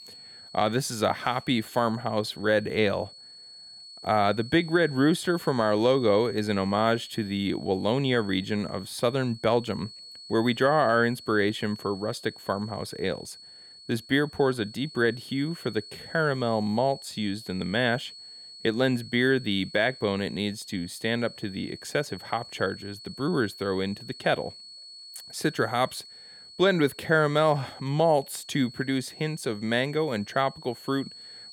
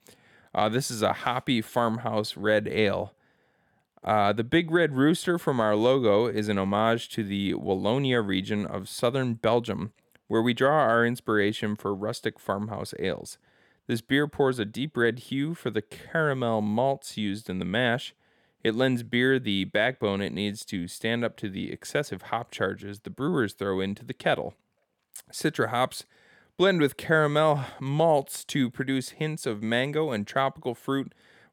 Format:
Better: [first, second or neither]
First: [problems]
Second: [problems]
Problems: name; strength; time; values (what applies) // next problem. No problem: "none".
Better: second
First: high-pitched whine; noticeable; throughout; 4.5 kHz, 15 dB below the speech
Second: none